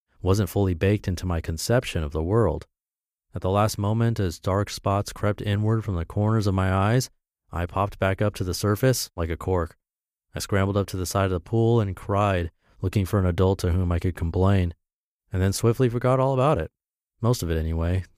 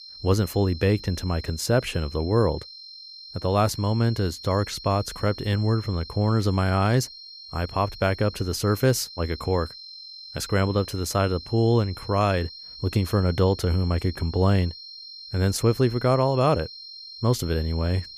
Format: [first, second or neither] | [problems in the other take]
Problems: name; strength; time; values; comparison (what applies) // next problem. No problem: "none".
first | high-pitched whine; noticeable; throughout; 4 kHz, 15 dB below the speech